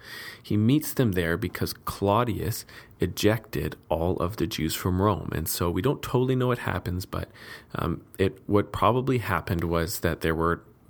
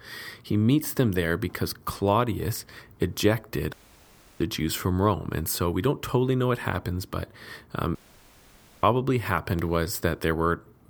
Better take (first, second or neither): first